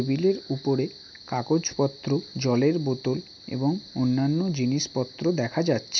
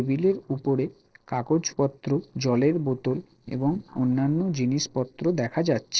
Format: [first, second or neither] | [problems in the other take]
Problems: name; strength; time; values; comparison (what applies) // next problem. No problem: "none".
first | noise reduction (neural separator model SepFormer DNS4)